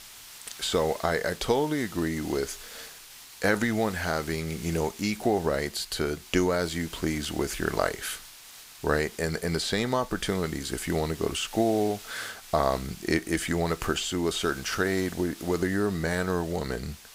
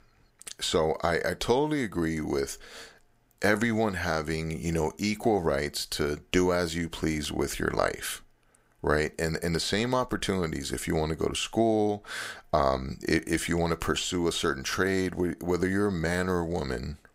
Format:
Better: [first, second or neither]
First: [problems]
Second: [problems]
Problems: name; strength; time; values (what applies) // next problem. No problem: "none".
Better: second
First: hiss; noticeable; throughout; 15 dB below the speech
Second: none